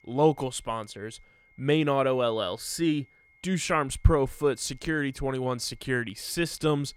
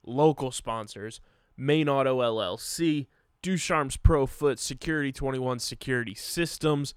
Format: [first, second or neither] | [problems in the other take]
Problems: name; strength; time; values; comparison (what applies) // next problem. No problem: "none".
second | high-pitched whine; faint; throughout; 2 kHz, 30 dB below the speech